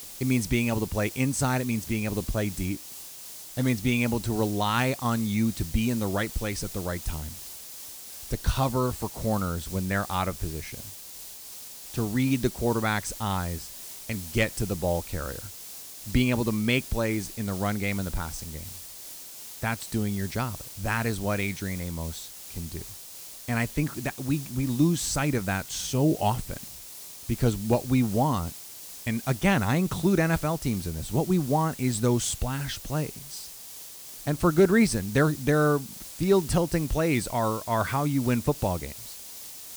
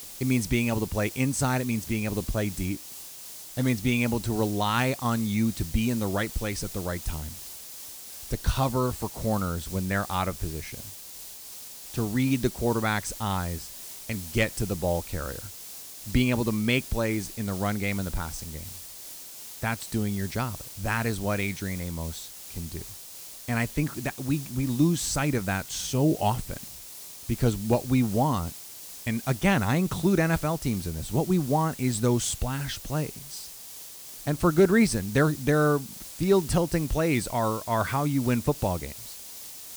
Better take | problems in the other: neither | hiss; noticeable; throughout; 10 dB below the speech; the same in both

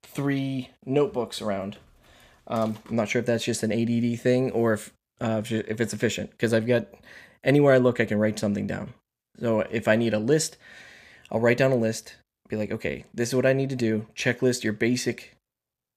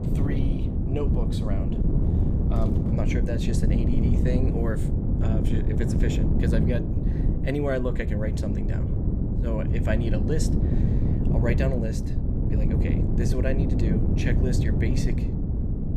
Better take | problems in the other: first | wind noise on the microphone; heavy; 1 dB below the speech

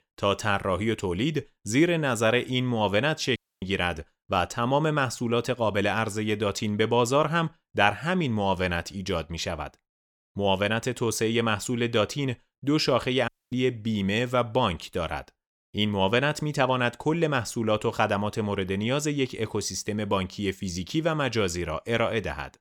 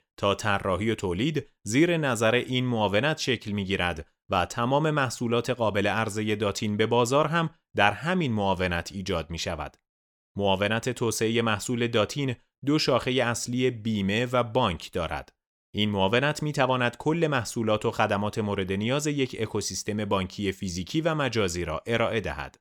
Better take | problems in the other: second | audio cutting out; at 3.5 s and at 13 s

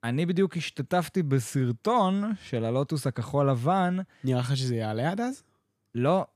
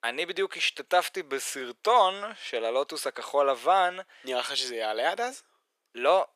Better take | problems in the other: first | thin; very; fading below 450 Hz

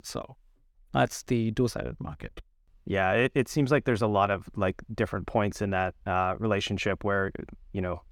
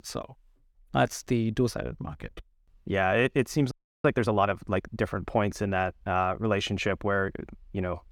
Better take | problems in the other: first | audio freezing; at 3.5 s

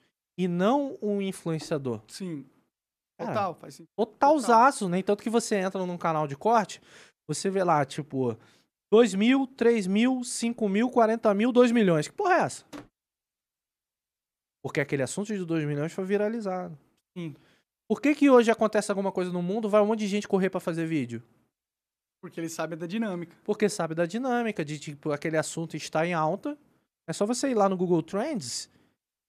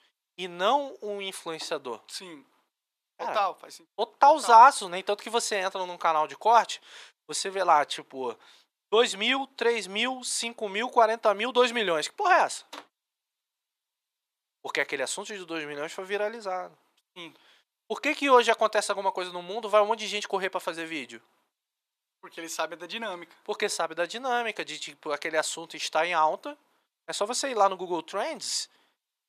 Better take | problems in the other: first | thin; very; fading below 600 Hz

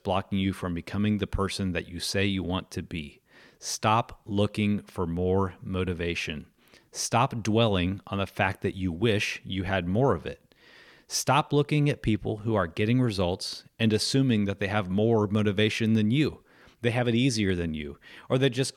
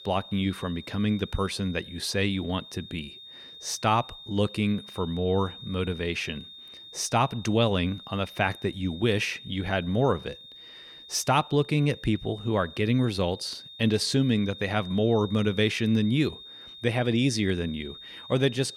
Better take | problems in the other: first | high-pitched whine; noticeable; throughout; 3.5 kHz, 15 dB below the speech

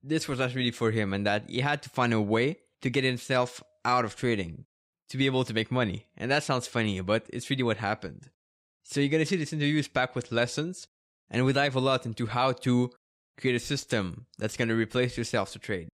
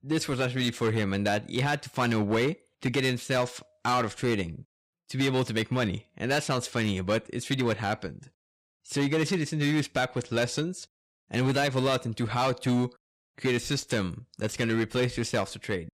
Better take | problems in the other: first | distortion; slight; 8% of the sound clipped

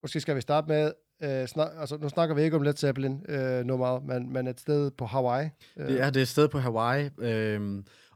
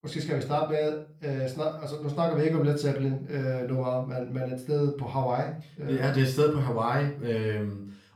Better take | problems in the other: first | off-mic speech; far // room echo; slight; dies away in 0.4 s

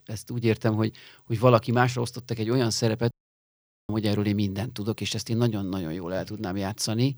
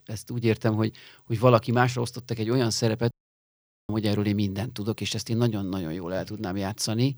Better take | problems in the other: neither | audio cutting out; at 3 s for 1 s; the same in both

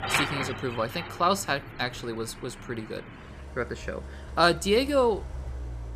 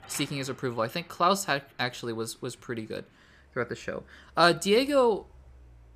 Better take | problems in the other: second | traffic noise; loud; throughout; 10 dB below the speech; faint in the second

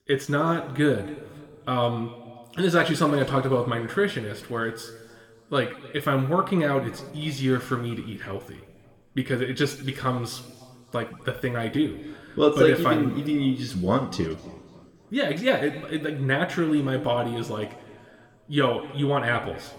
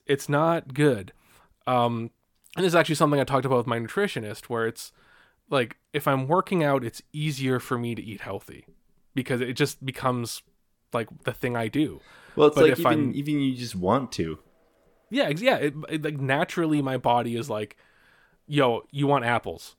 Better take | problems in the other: second | room echo; slight; dies away in 1.6 s

